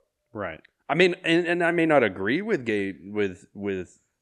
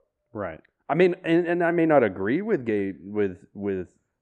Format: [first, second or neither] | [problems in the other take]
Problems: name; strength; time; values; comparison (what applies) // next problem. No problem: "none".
first | muffled; slightly; fading above 2 kHz